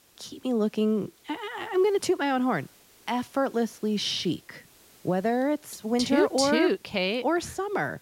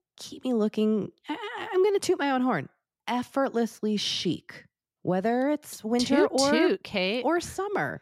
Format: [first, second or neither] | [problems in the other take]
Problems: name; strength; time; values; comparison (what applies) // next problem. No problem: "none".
second | hiss; faint; throughout; 30 dB below the speech